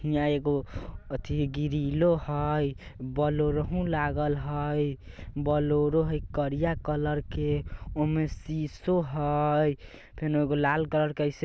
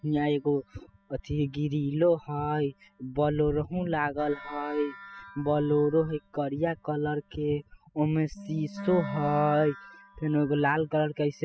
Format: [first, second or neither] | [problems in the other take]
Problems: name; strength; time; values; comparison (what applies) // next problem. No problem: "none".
first | noise reduction (classical method spectral subtraction)